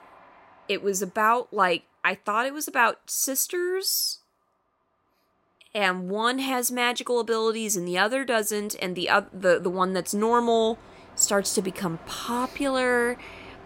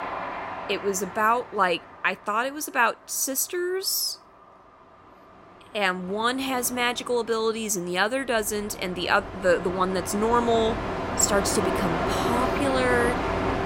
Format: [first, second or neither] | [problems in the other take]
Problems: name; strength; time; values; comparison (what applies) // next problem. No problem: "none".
first | train or aircraft noise; loud; throughout; 5 dB below the speech; faint in the first